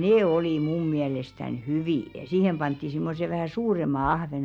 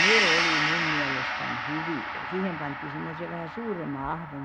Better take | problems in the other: first | background sound (Gong); 5 dB above the speech

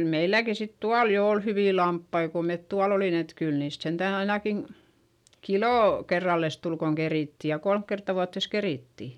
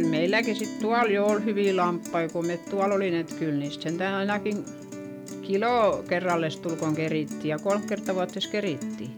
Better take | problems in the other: first | background sound (Piano + Guitar); 9 dB below the speech

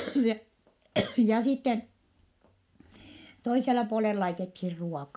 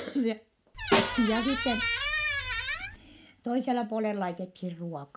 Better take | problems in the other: first | background sound (Squeak + Snare drum); 1 dB above the speech

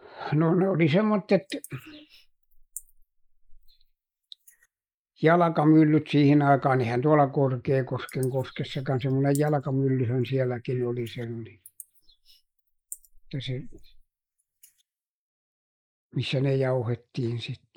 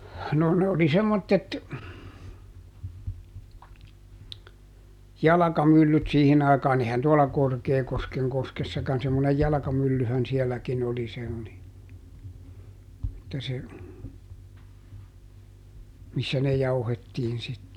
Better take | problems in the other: second | noise reduction (neural mask model Resemble Enhance denoiser)

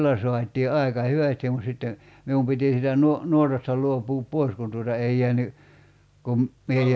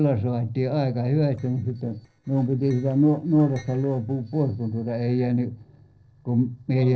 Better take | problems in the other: first | noise reduction (neural separator model SepFormer DNS4)

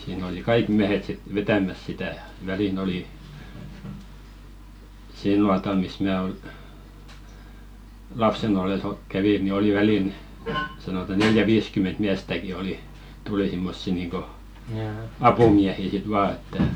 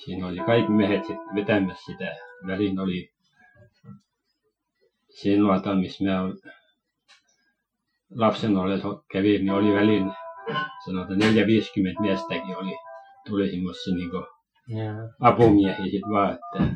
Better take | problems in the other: first | noise reduction (classical method Wiener filter)

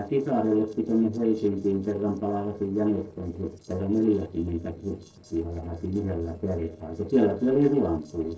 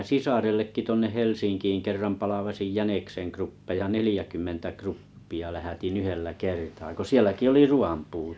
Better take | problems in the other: second | noise reduction (neural separator model SepFormer DNS4)

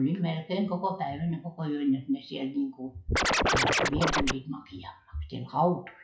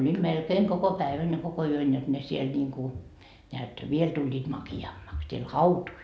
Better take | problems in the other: second | noise reduction (classical method WPE with log-MMSE)

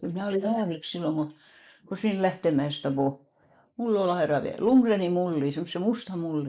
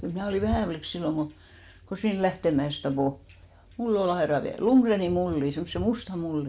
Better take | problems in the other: second | noise reduction (neural mask model Resemble Enhance denoiser)

